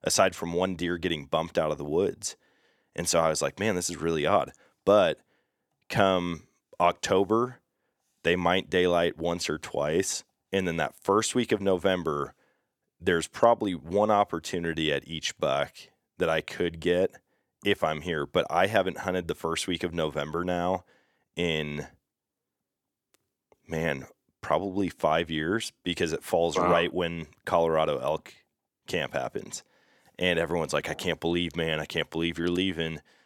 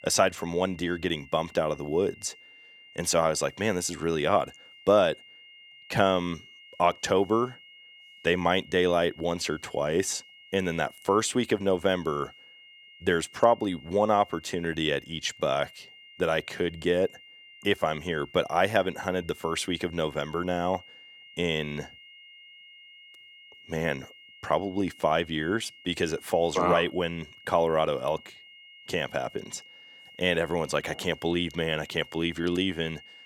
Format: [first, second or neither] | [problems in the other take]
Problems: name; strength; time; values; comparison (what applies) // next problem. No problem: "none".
first | high-pitched whine; faint; throughout; 3 kHz, 20 dB below the speech